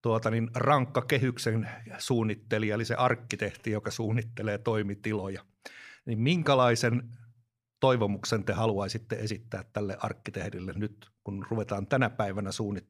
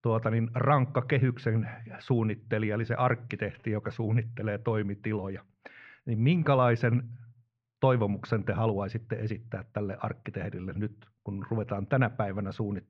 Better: first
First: none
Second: muffled; very; fading above 2.5 kHz

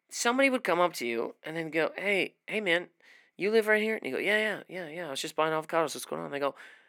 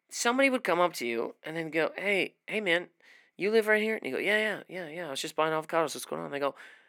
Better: neither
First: thin; somewhat; fading below 250 Hz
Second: thin; somewhat; fading below 250 Hz

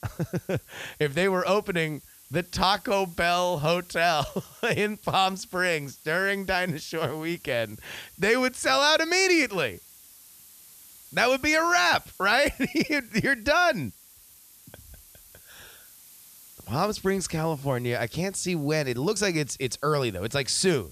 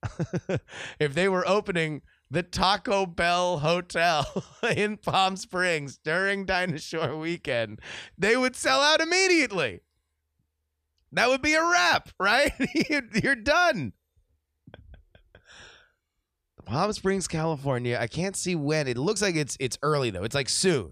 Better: second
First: hiss; faint; throughout; 25 dB below the speech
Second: none

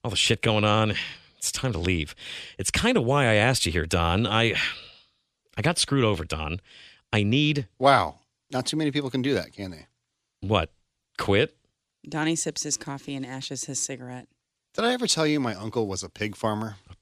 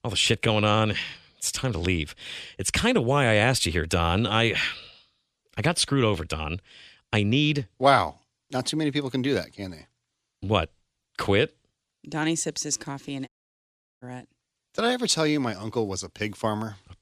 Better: first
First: none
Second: audio cutting out; at 13 s for 0.5 s

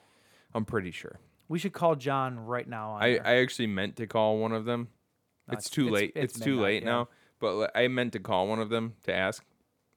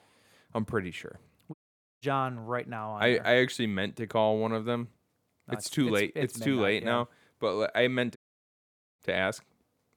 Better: first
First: none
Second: audio cutting out; at 1.5 s and at 8 s for 1 s

